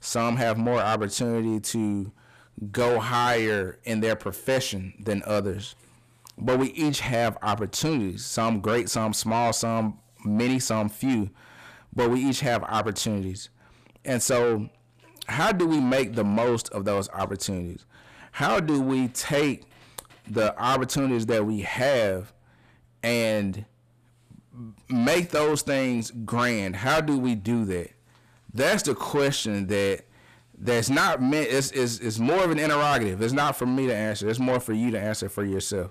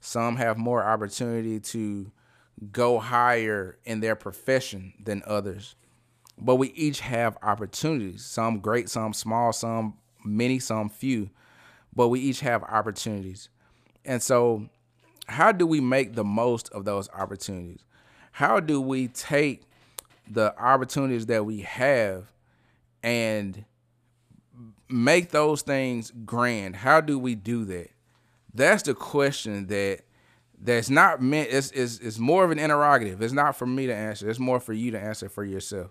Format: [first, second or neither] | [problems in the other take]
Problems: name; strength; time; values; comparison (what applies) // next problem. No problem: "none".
second | distortion; heavy; 6 dB below the speech